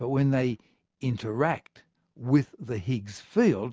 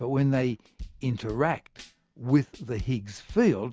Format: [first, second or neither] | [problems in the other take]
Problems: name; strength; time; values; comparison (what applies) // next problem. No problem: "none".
first | background sound (Drum / Drum kit); 19 dB below the speech